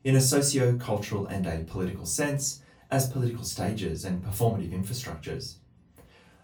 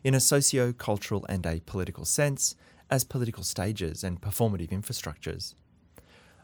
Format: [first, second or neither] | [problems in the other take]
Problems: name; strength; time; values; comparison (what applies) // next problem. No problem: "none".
second | off-mic speech; far // room echo; very slight; dies away in 0.2 s